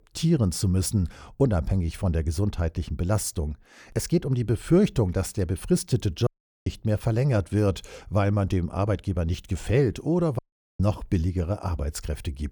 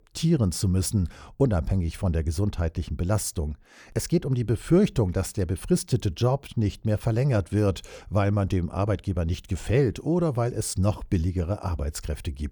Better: second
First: audio cutting out; at 6.5 s and at 10 s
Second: none

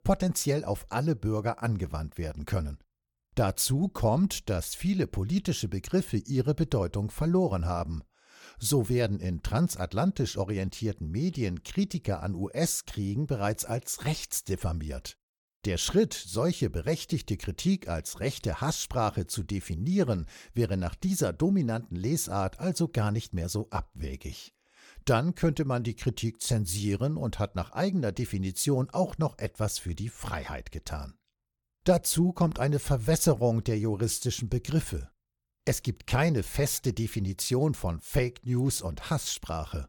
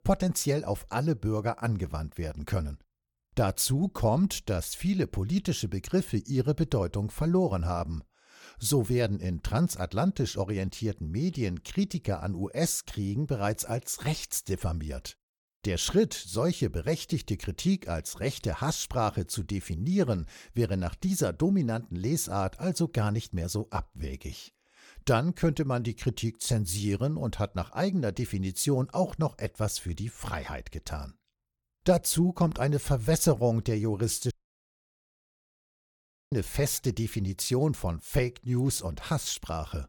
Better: first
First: none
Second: audio cutting out; at 34 s for 2 s

